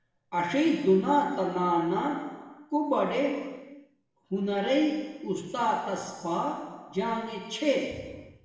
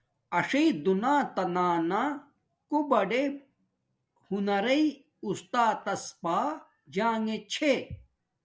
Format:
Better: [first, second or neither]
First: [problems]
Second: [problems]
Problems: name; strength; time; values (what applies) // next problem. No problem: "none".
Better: second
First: room echo; dies away in 1.2 s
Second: none